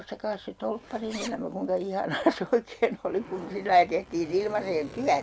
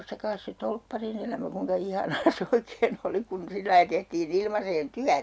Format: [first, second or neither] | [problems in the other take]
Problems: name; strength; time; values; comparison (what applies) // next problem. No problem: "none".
second | background sound (Zipper (clothing)); 18 dB below the speech